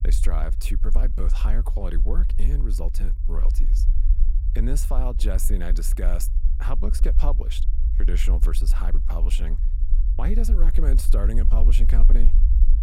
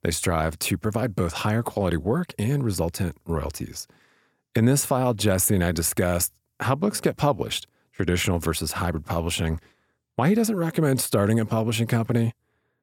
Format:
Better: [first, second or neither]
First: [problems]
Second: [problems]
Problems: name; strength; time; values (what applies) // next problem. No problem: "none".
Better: second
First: low rumble; loud; throughout; 10 dB below the speech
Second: none